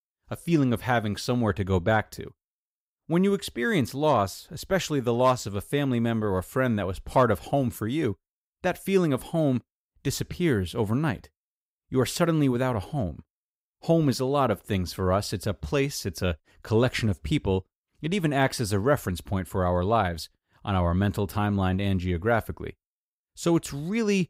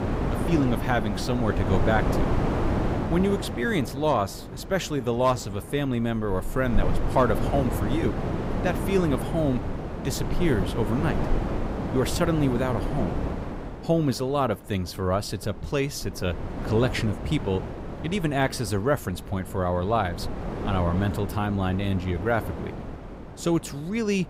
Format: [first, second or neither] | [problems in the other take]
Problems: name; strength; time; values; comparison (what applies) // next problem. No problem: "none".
first | wind noise on the microphone; heavy; 6 dB below the speech